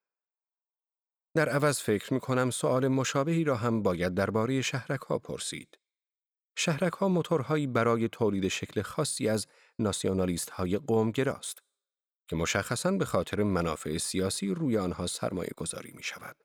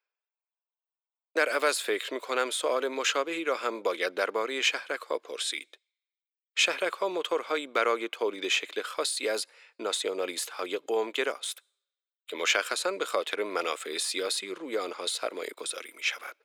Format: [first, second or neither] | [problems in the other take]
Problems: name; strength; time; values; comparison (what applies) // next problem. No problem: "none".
first | thin; very; fading below 350 Hz